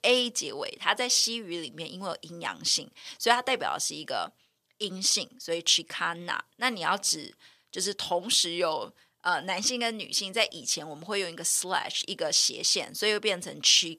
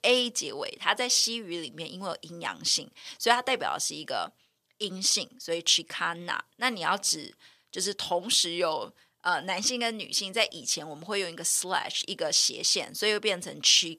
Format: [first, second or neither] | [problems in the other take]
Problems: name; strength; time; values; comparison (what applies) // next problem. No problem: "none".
neither | thin; very slightly; fading below 1 kHz; the same in both